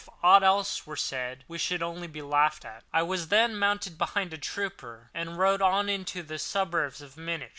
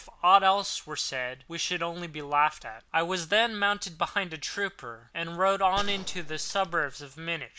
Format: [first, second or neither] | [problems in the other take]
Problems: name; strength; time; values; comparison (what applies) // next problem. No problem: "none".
first | background sound (Gunshot, gunfire); 7 dB below the speech